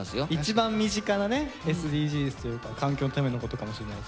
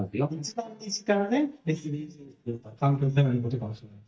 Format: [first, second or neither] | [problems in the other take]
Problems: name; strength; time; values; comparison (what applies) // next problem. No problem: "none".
first | noise reduction (neural mask model DeepFilterNet 3)